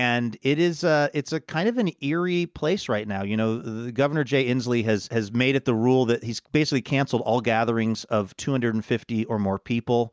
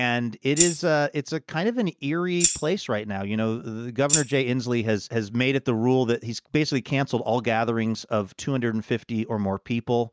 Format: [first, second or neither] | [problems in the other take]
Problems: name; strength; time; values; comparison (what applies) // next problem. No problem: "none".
first | noise reduction (neural mask model RNNoise)